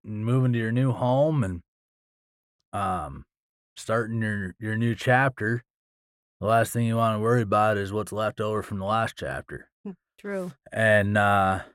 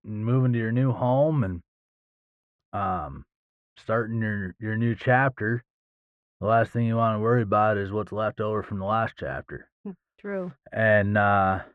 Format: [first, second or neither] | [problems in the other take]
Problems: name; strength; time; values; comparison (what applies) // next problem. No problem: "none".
first | muffled; very; fading above 2.5 kHz